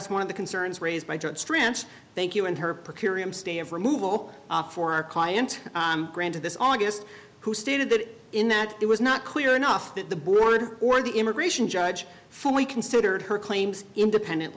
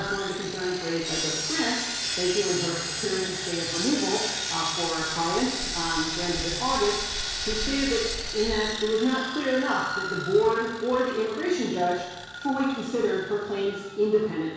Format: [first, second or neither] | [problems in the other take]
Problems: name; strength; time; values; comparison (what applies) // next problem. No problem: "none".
first | background sound (Sawing); 5 dB below the speech // room echo; dies away in 1.1 s